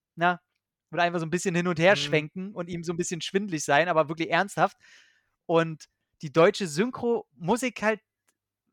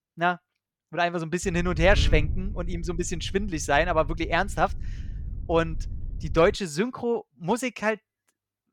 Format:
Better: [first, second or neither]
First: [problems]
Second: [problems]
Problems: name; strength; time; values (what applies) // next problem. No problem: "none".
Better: first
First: none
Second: wind noise on the microphone; occasional gusts; from 1.5 to 6.5 s; 25 dB below the speech